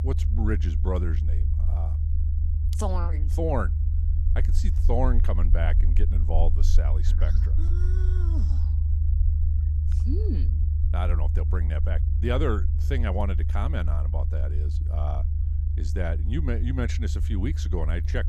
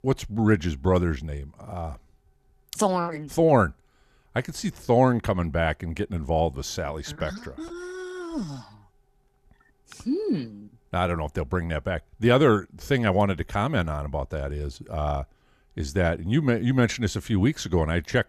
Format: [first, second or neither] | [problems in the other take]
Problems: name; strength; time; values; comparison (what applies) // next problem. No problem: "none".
second | low rumble; loud; throughout; 8 dB below the speech